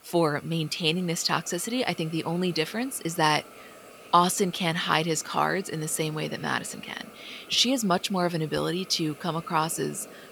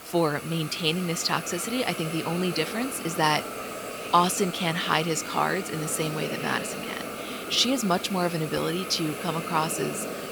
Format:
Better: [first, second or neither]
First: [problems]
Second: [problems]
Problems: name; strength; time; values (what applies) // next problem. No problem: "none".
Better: first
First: hiss; faint; throughout; 20 dB below the speech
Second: hiss; loud; throughout; 8 dB below the speech